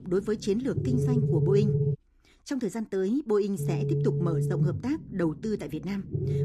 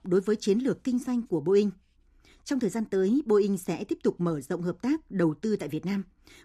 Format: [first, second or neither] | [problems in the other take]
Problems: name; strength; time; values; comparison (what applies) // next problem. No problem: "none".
second | low rumble; loud; until 2 s and from 3.5 s on; 3 dB below the speech